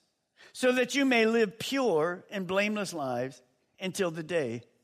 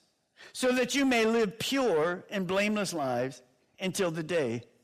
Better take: first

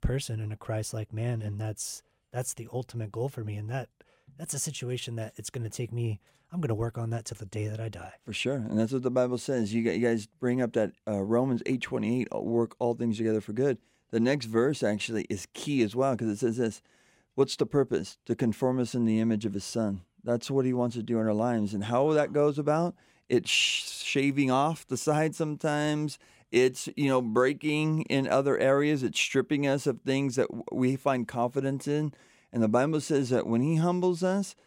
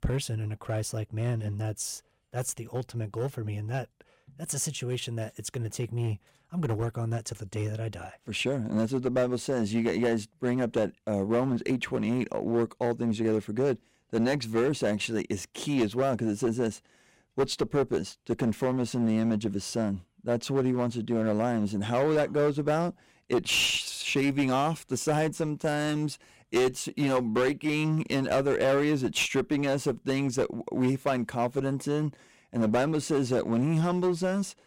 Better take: first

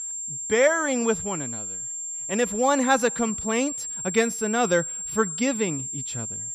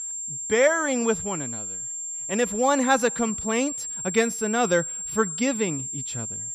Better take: neither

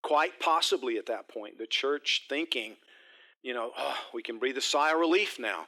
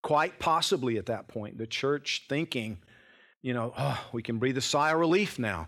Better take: second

